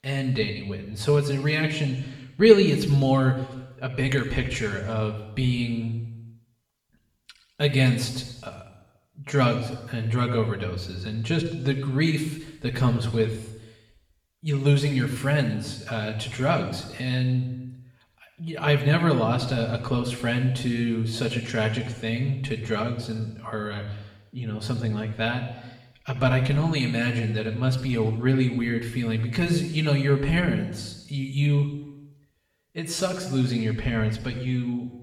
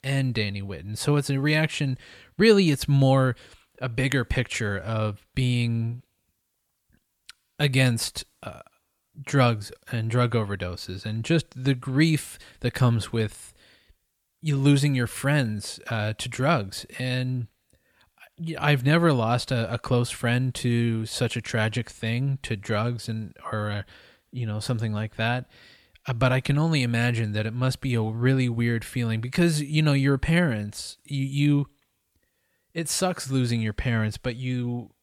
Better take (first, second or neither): second